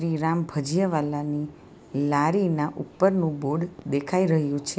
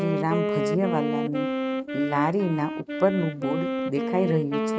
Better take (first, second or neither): first